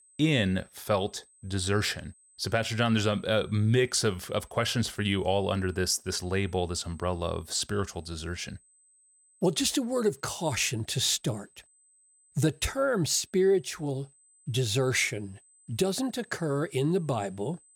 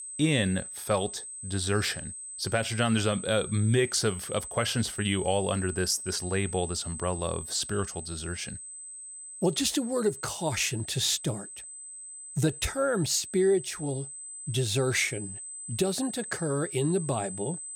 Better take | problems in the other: first | high-pitched whine; loud; throughout; 8 kHz, 9 dB below the speech; faint in the first

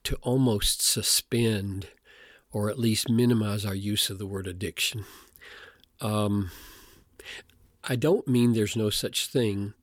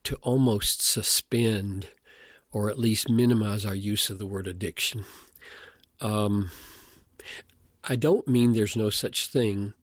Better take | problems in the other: first | garbled, watery; slightly

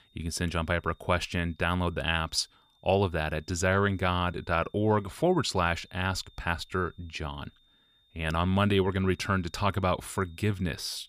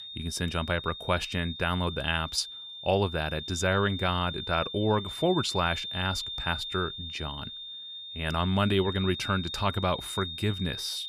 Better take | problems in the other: first | high-pitched whine; loud; throughout; 3.5 kHz, 7 dB below the speech; faint in the first

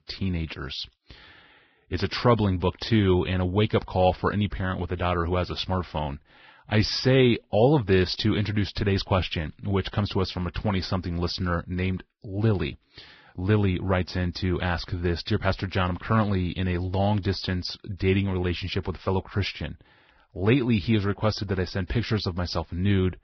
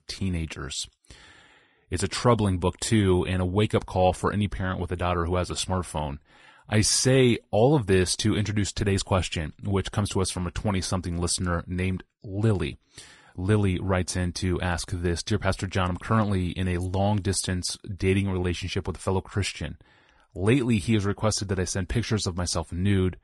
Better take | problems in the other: second | garbled, watery; badly; nothing above 5.5 kHz; slightly in the second

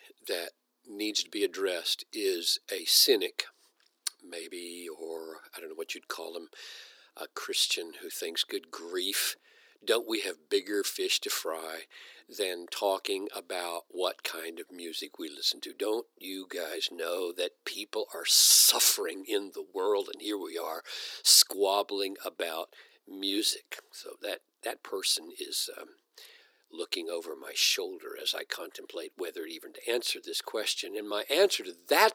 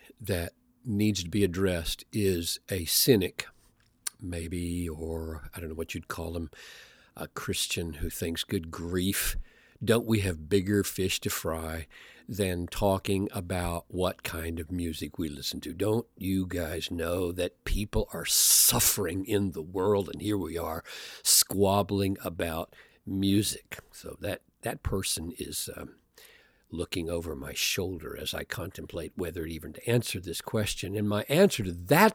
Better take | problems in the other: second | thin; very; fading below 350 Hz

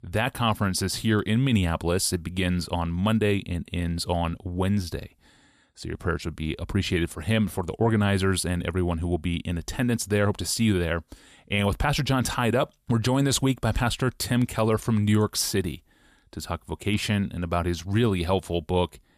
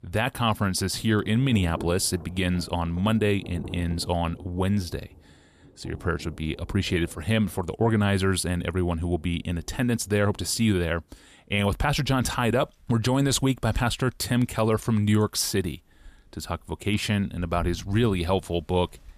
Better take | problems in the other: first | rain or running water; noticeable; throughout; 20 dB below the speech

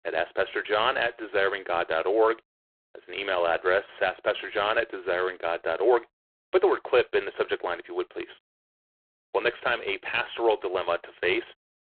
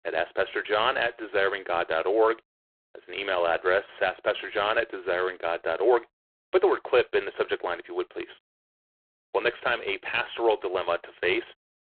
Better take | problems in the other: neither | phone-call audio; poor line; the same in both

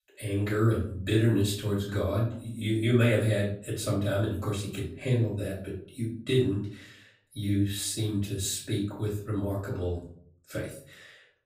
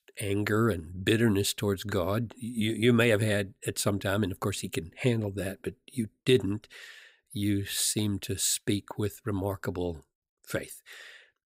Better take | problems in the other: second | off-mic speech; far // room echo; noticeable; dies away in 0.5 s

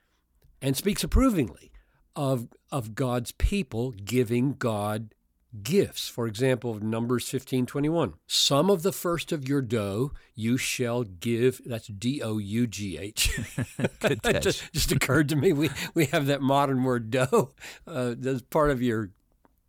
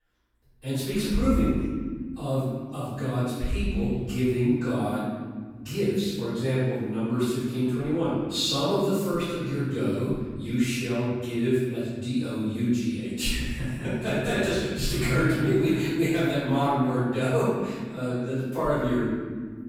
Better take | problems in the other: first | off-mic speech; far // room echo; strong; dies away in 1.6 s

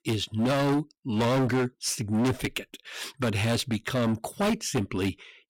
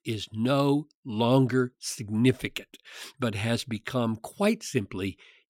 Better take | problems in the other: second | distortion; heavy; 18% of the sound clipped

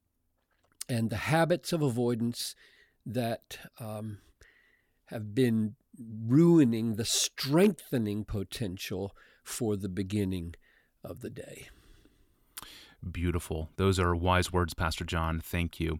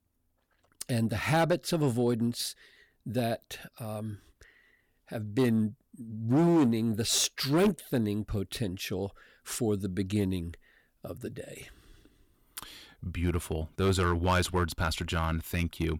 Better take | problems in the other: first | distortion; slight; 3% of the sound clipped

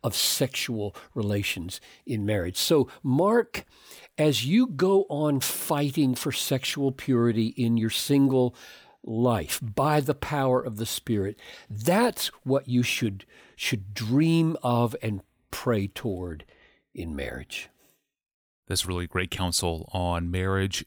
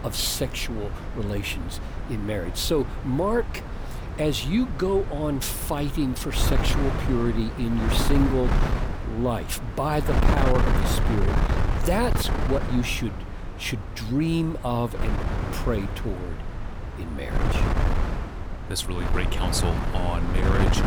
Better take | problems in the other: first | wind noise on the microphone; heavy; 4 dB below the speech

